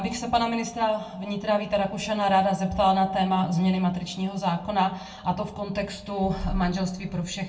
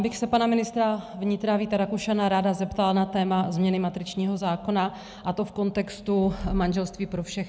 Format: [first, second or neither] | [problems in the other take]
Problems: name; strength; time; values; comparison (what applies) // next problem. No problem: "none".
second | room echo; dies away in 0.3 s